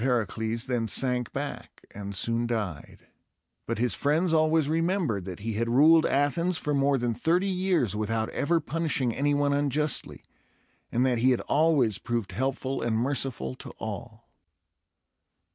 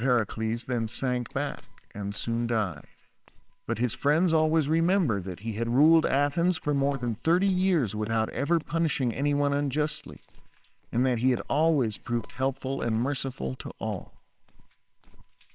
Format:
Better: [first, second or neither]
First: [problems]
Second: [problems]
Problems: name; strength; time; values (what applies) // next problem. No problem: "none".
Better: first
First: none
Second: noise reduction (neural separator model SepFormer WHAMR!)